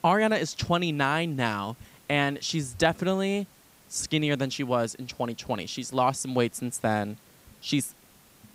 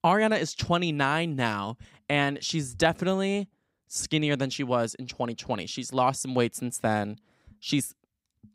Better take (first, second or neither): second